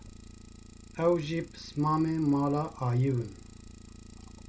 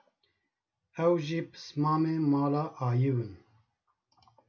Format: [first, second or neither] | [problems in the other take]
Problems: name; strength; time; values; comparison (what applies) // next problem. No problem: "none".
second | background sound (Idling); 18 dB below the speech